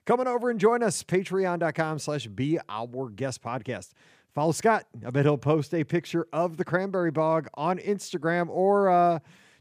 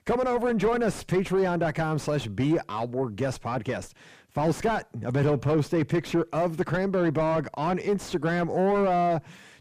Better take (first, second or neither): first